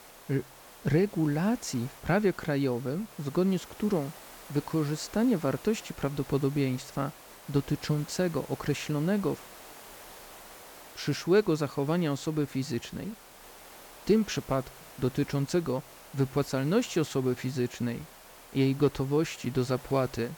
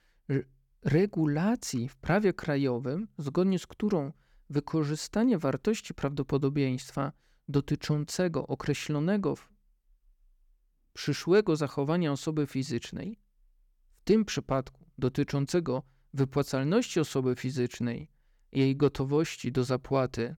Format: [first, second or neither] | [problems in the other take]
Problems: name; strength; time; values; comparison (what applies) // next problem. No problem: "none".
second | hiss; noticeable; throughout; 20 dB below the speech